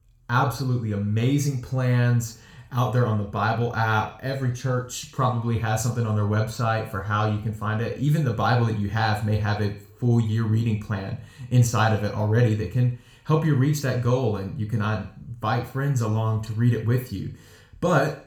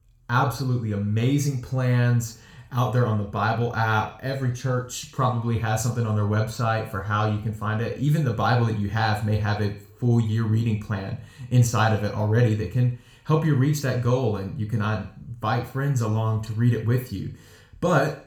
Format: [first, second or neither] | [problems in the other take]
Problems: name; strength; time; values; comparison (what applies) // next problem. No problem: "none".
neither | room echo; slight; dies away in 0.5 s; the same in both // off-mic speech; somewhat distant; the same in both